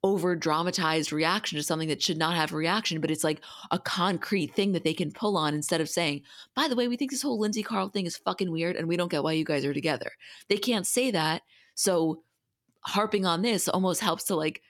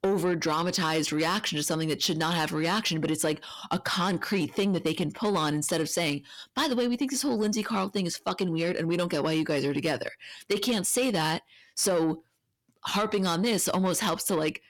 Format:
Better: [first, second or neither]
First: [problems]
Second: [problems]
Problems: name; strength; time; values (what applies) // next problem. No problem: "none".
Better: first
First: none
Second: distortion; slight; 10 dB below the speech